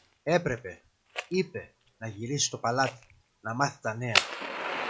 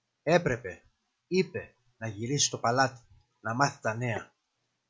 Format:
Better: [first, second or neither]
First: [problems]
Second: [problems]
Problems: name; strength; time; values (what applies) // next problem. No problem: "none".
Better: second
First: background sound (Fire); 5 dB below the speech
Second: none